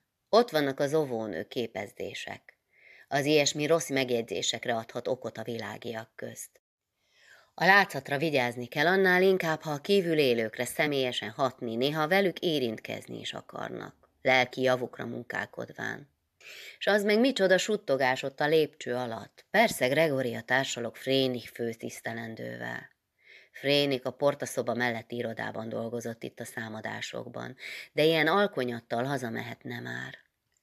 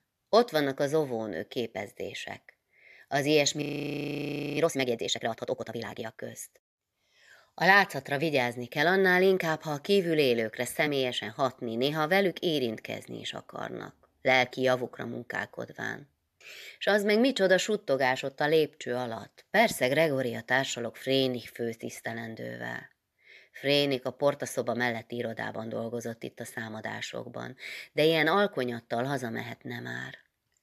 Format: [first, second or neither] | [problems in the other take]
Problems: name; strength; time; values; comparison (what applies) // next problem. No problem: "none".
first | audio freezing; at 3.5 s for 1 s